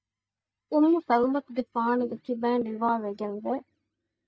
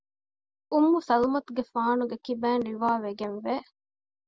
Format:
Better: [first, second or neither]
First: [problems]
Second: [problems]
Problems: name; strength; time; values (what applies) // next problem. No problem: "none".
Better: second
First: noise reduction (neural mask model DeepFilterNet 3)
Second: none